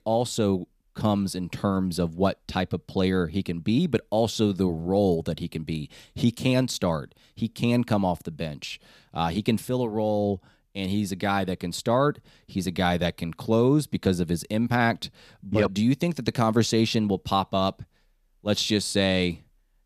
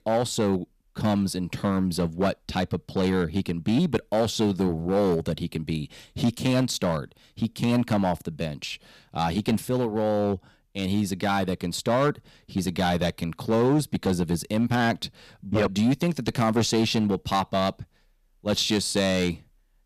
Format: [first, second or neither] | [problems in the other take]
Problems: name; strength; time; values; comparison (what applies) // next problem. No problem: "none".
first | distortion; slight; 5% of the sound clipped